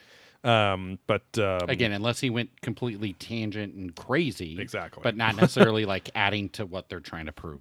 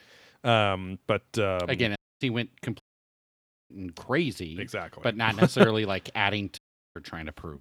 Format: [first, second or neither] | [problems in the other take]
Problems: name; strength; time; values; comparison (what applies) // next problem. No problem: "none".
first | audio cutting out; at 2 s, at 3 s for 1 s and at 6.5 s